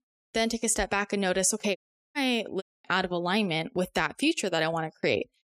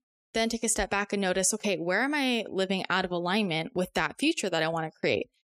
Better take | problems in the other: second | audio cutting out; at 2 s and at 2.5 s

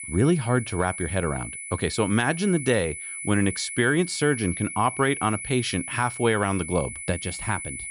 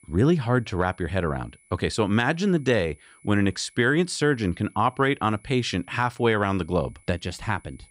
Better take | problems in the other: second | high-pitched whine; loud; throughout; 10 kHz, 8 dB below the speech; faint in the second

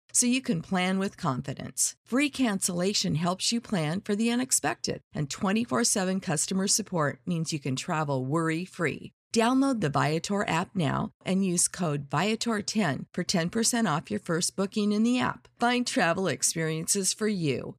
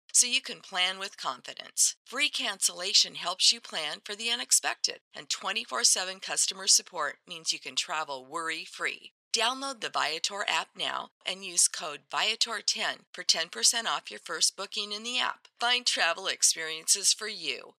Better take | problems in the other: first | thin; very; fading below 750 Hz

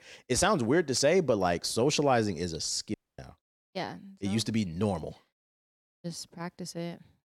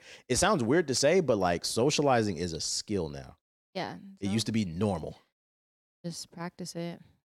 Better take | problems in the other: second | audio cutting out; at 3 s

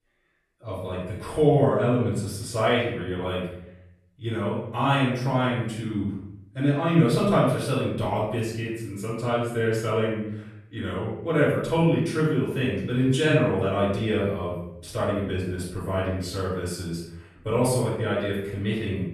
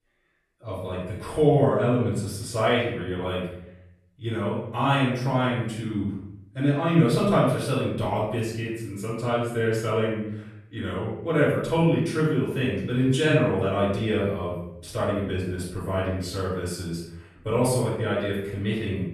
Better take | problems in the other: neither | off-mic speech; far; the same in both // room echo; noticeable; dies away in 0.7 s; the same in both

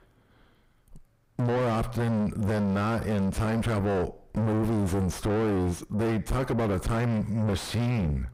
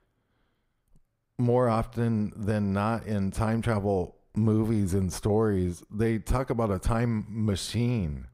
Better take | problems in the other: second | distortion; heavy; 6 dB below the speech

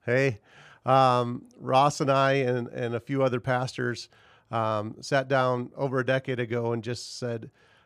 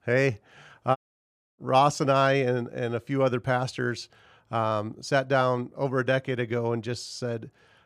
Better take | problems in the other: first | audio cutting out; at 1 s for 0.5 s

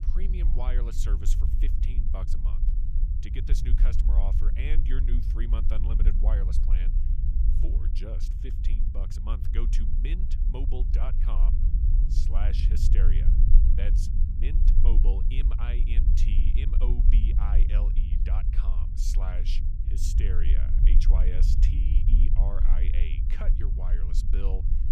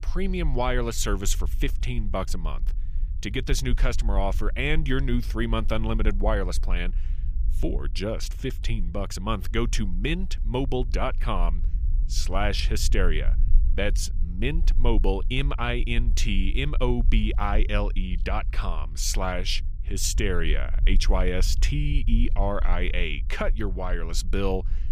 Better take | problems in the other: second | low rumble; loud; throughout; 3 dB below the speech; faint in the second

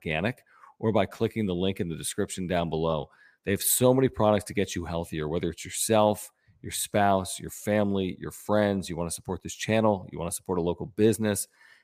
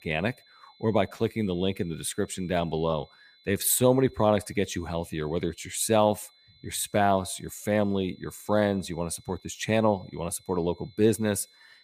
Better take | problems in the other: first | high-pitched whine; faint; throughout; 4 kHz, 30 dB below the speech

